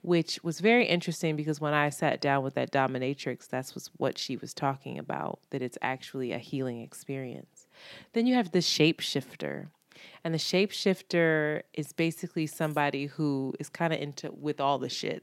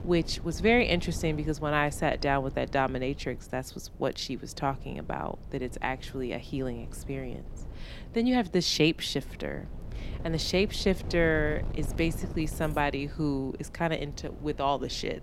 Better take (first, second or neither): first